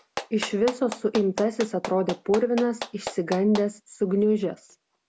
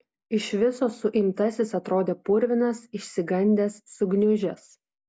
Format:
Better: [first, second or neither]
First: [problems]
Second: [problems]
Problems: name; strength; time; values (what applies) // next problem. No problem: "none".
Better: second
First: background sound (Clapping); 12 dB below the speech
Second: none